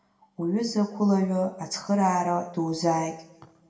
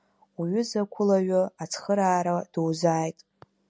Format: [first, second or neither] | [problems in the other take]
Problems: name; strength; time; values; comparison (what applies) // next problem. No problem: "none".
second | room echo; dies away in 0.7 s